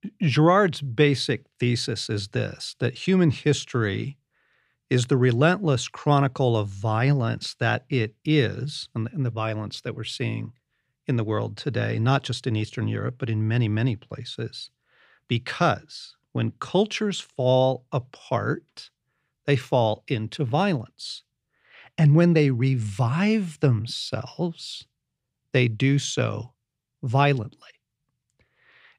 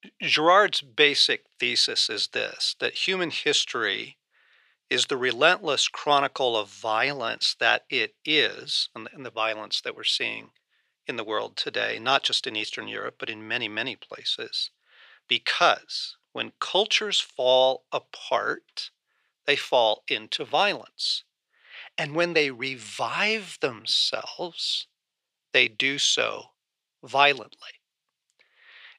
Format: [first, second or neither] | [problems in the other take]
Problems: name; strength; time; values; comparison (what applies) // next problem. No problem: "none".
first | thin; very; fading below 600 Hz